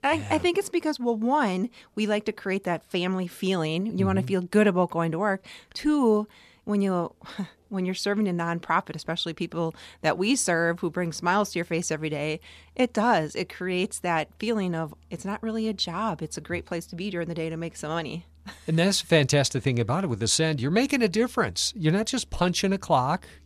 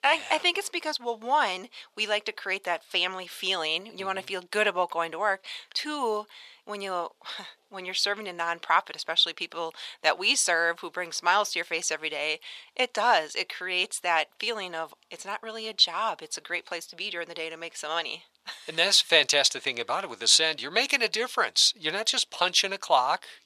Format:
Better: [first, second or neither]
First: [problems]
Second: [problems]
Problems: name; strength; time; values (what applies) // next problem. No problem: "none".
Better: first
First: none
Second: thin; very; fading below 700 Hz